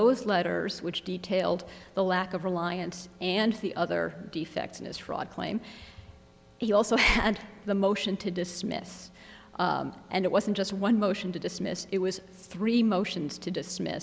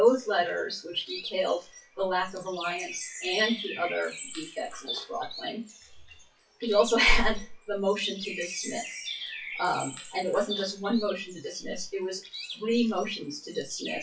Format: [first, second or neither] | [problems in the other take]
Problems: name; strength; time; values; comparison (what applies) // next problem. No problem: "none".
first | noise reduction (classical method WPE with log-MMSE)